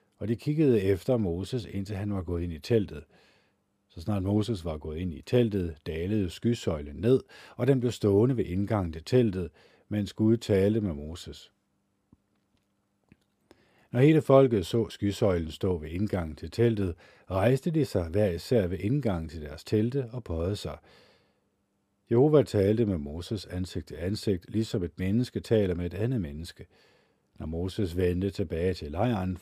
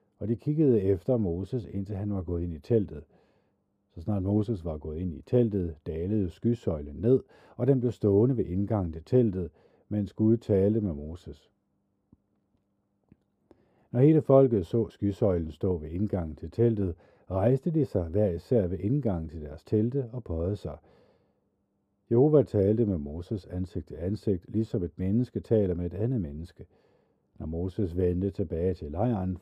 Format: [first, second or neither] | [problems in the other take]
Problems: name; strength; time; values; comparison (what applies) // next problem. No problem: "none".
first | muffled; slightly; fading above 1.5 kHz